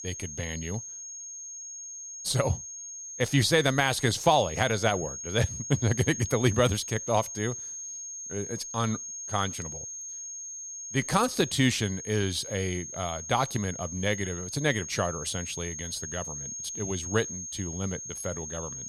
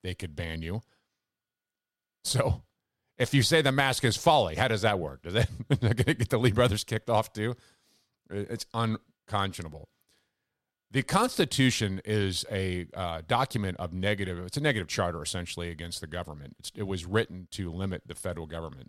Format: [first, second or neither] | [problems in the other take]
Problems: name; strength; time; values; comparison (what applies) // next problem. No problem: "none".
second | high-pitched whine; loud; throughout; 6.5 kHz, 7 dB below the speech